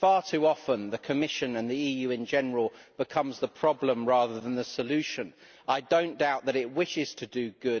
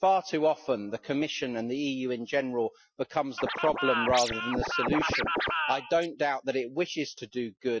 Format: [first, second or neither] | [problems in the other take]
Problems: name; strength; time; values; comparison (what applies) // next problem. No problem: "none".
first | noise reduction (classical method Wiener filter)